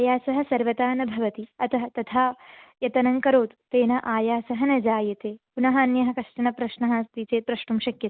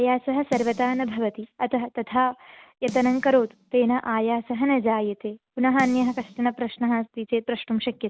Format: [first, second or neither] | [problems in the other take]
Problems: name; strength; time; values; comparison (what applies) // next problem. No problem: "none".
first | background sound (Snare drum); 19 dB below the speech